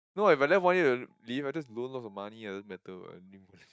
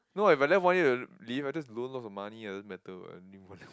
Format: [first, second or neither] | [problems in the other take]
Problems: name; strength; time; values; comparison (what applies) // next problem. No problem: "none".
second | noise reduction (neural mask model DeepFilterNet 3)